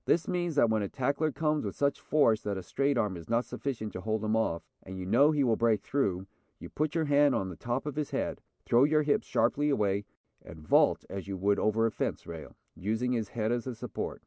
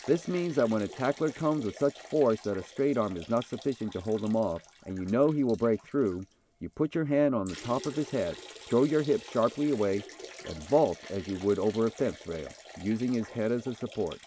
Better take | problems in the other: first | background sound (Liquid); 19 dB below the speech

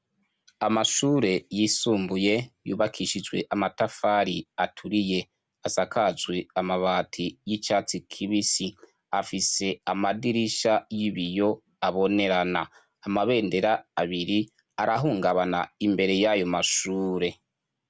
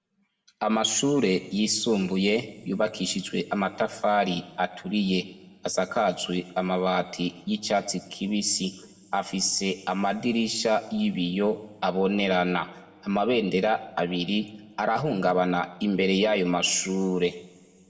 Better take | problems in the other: first | room echo; dies away in 1.1 s

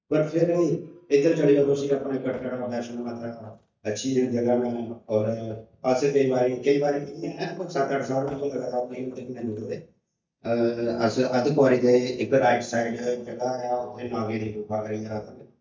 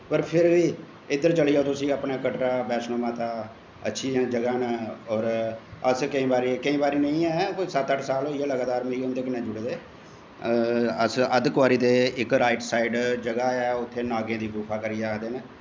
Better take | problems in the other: second | noise reduction (neural mask model DeepFilterNet 3)

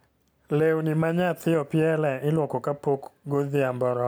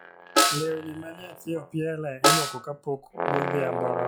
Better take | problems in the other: first | noise reduction (classical method log-MMSE)

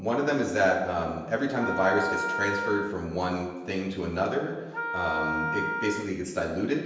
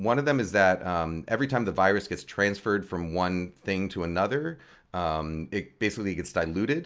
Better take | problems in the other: second | background sound (Wind instrument, woodwind instrument); 5 dB below the speech // room echo; dies away in 1 s

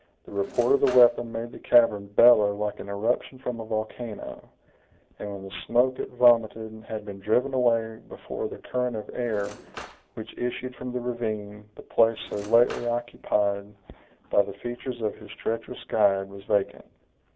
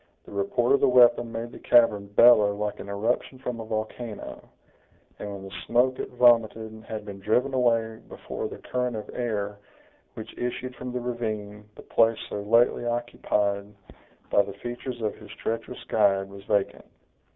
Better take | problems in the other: second | background sound (Cutlery, silverware / Drawer open or close); 18 dB below the speech

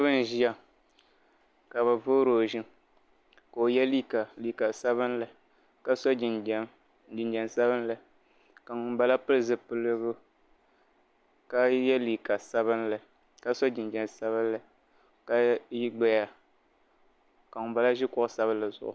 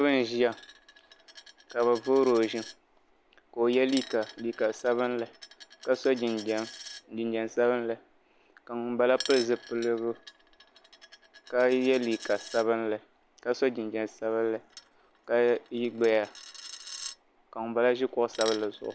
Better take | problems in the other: first | background sound (Coin (dropping)); 18 dB below the speech

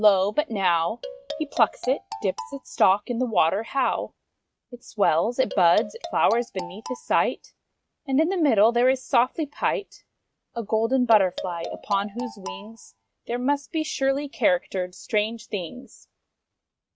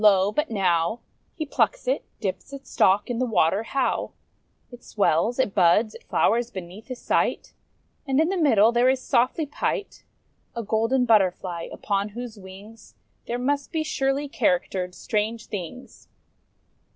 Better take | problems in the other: second | noise reduction (neural mask model RNNoise)

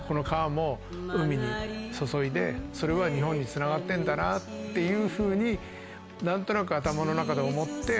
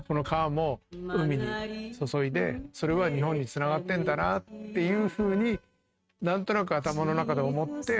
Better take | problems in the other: first | noise reduction (neural mask model RNNoise)

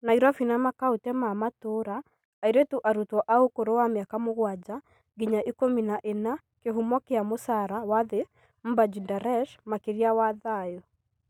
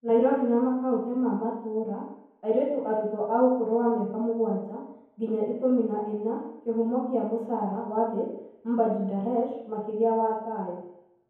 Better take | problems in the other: first | room echo; dies away in 0.9 s

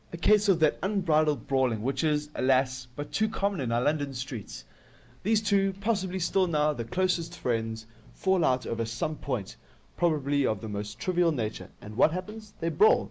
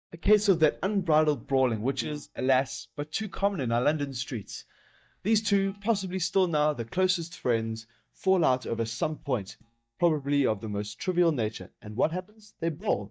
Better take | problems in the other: first | noise reduction (neural mask model DeepFilterNet 3)

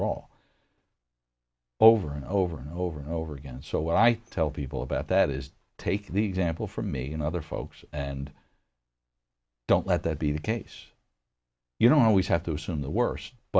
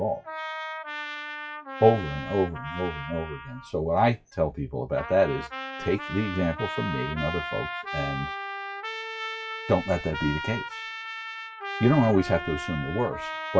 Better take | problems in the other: first | noise reduction (classical method WPE with log-MMSE)

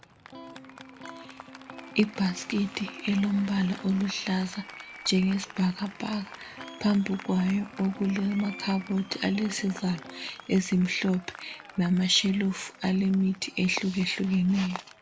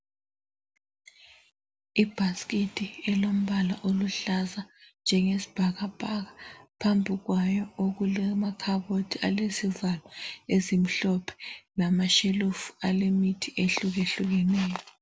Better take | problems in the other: second | background sound (Applause + Electric guitar); 17 dB below the speech

